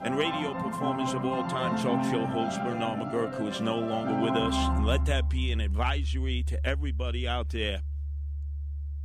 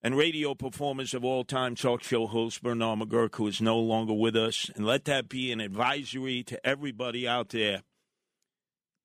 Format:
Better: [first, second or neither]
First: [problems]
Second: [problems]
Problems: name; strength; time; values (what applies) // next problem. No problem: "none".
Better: second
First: background music; very loud; throughout; 2 dB above the speech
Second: none